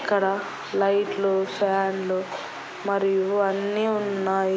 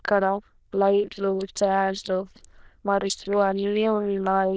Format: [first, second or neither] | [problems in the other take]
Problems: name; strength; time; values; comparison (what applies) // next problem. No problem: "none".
first | noise reduction (neural diffusion model UNIVERSE++)